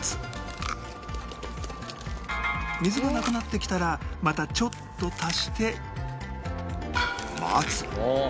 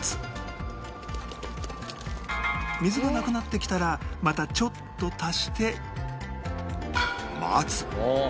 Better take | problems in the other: second | background sound (Chewing, mastication); 14 dB below the speech

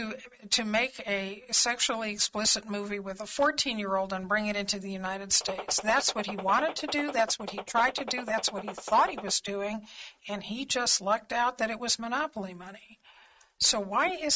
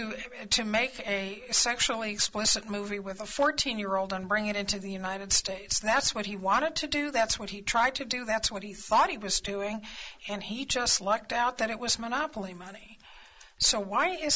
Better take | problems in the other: second | noise reduction (neural mask model RNNoise)

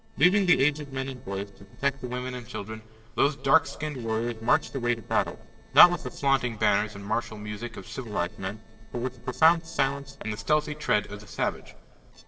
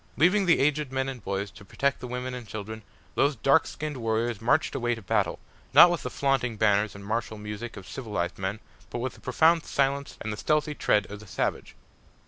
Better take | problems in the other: second | noise reduction (neural separator model SepFormer DNS4)

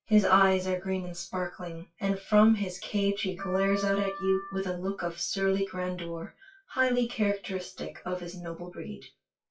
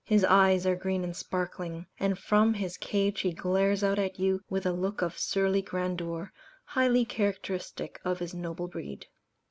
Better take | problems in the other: second | noise reduction (classical method WPE with log-MMSE)

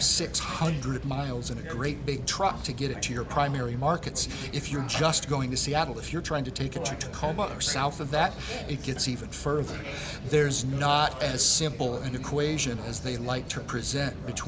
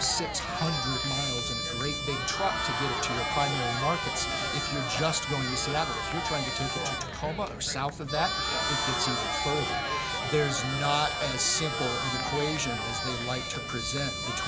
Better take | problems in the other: first | background sound (Trumpet + Crowd); as loud as the speech

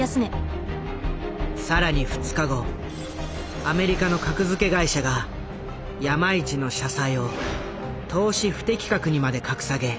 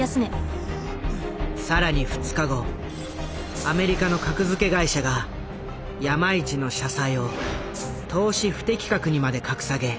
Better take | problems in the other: first | background sound (Rattle (instrument) + Breathing); 16 dB below the speech

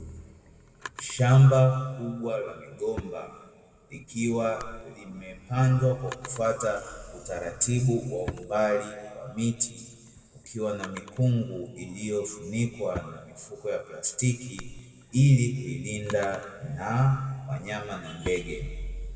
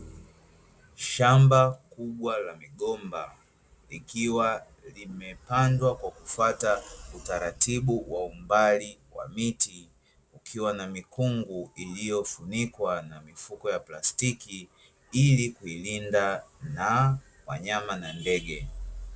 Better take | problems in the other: second | background sound (Drawer open or close); 19 dB below the speech // room echo; dies away in 1.6 s

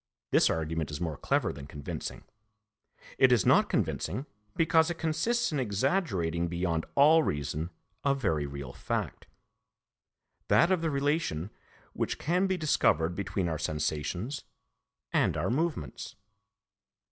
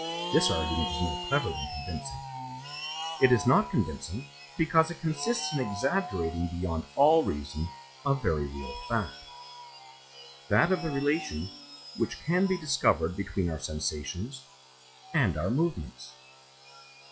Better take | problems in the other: first | noise reduction (classical method log-MMSE)

